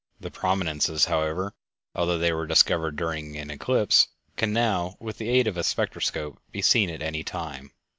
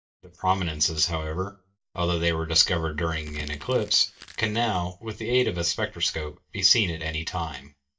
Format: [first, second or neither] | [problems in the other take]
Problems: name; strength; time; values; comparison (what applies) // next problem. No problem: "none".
first | noise reduction (neural mask model DeepFilterNet 3)